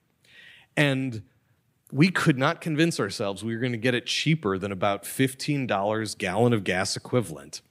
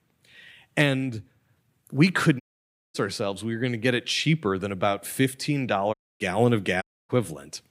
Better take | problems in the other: first | audio cutting out; at 2.5 s for 0.5 s, at 6 s and at 7 s

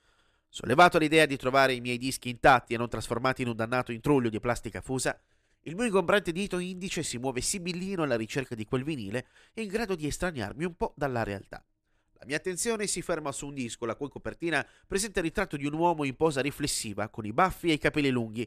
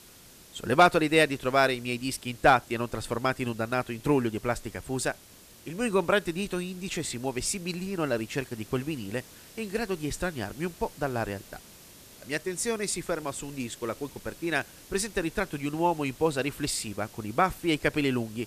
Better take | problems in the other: first | hiss; faint; throughout; 20 dB below the speech

